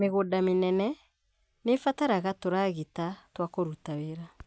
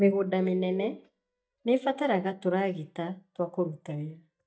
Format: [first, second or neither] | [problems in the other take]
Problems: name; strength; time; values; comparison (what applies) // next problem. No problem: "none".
first | noise reduction (neural mask model DeepFilterNet 3)